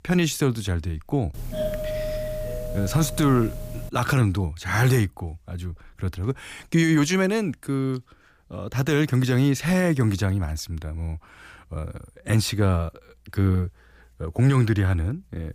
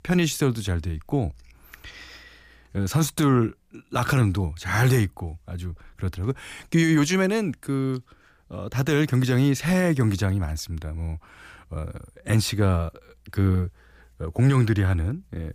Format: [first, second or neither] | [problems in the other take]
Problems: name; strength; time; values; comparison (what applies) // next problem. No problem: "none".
second | doorbell; noticeable; from 1.5 to 4 s; peak 4 dB below the speech